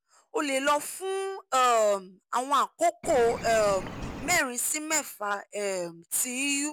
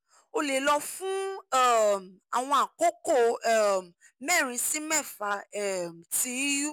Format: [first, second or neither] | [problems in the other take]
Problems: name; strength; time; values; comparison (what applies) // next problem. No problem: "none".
second | background sound (Bird); 10 dB below the speech